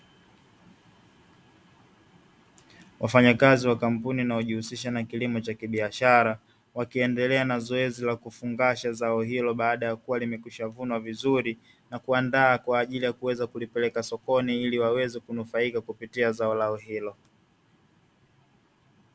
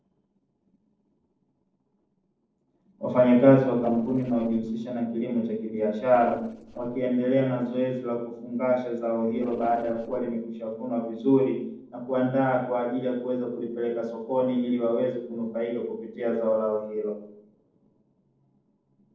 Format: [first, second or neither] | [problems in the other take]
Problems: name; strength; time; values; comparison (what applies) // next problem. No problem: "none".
first | noise reduction (neural separator model SepFormer DNS4)